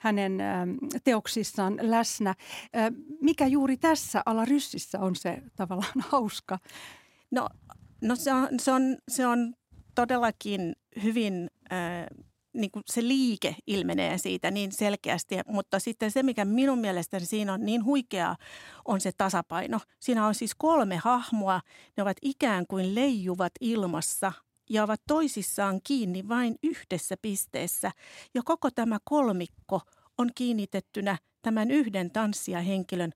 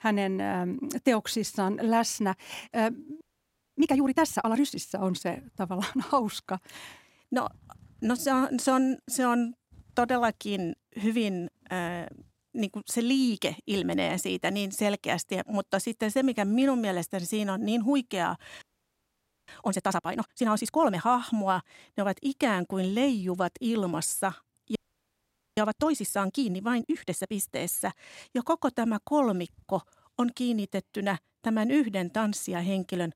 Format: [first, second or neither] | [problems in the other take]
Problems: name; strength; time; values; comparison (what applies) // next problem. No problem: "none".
first | audio freezing; at 3 s for 0.5 s, at 19 s for 1 s and at 25 s for 1 s